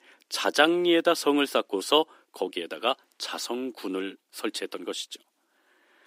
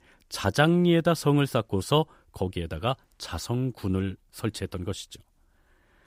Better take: second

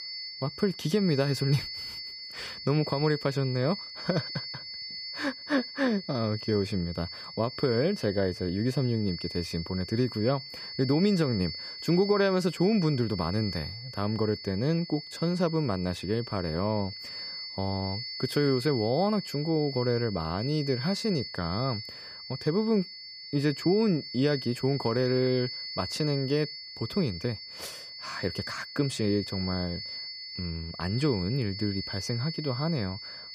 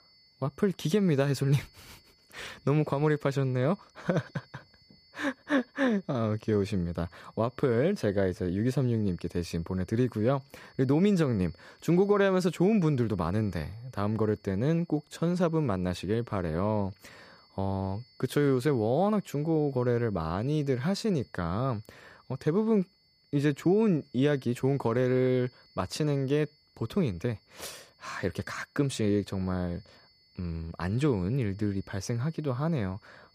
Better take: second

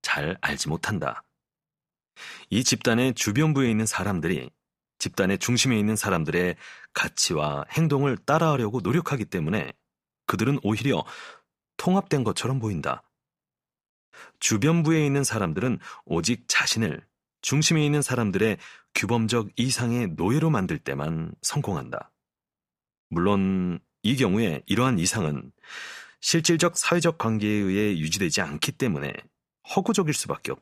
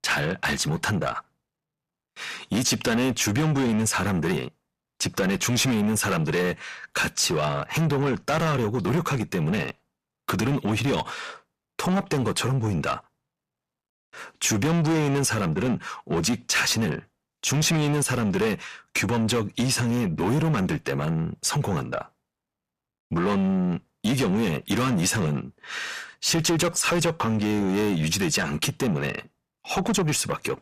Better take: first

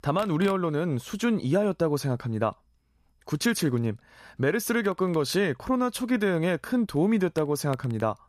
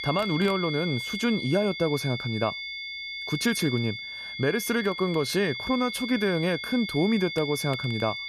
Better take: first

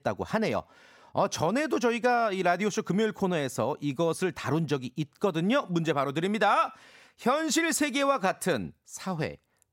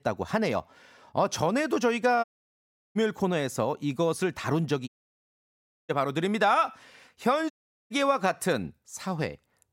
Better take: first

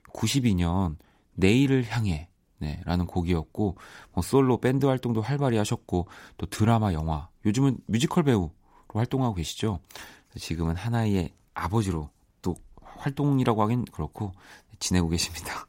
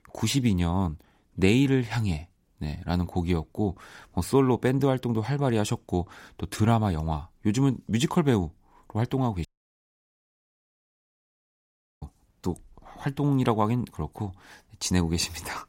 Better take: first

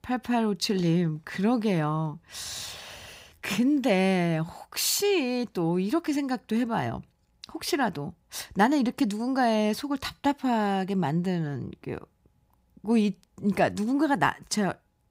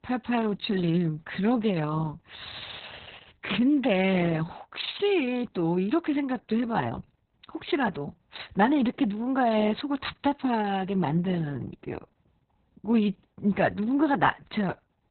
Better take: first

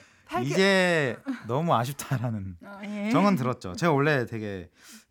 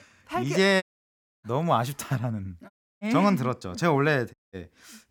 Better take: first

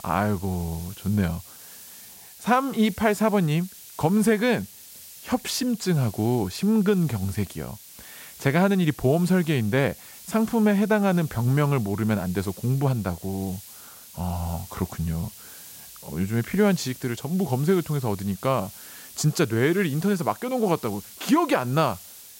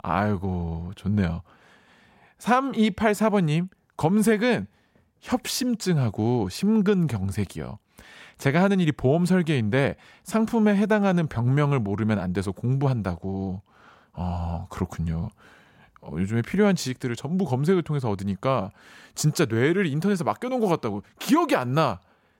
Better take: second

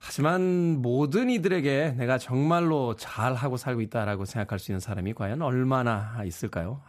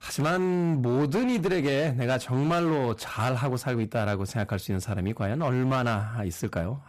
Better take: first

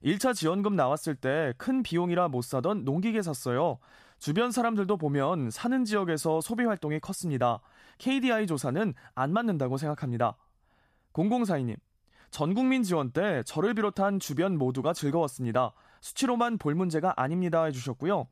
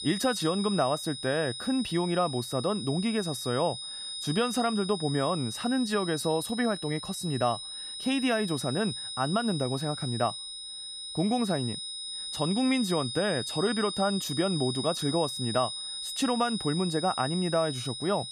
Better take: first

